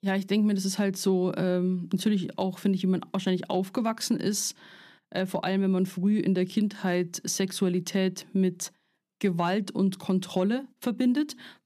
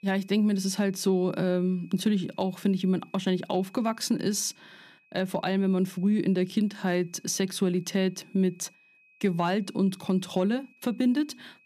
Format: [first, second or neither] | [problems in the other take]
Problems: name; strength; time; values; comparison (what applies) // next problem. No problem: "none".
first | high-pitched whine; faint; throughout; 2.5 kHz, 30 dB below the speech